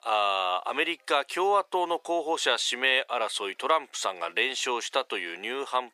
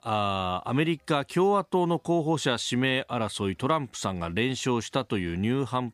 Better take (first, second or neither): second